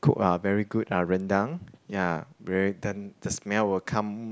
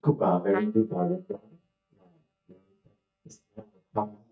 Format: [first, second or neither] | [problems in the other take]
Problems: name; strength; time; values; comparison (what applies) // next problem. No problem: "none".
first | noise reduction (neural mask model DeepFilterNet 3)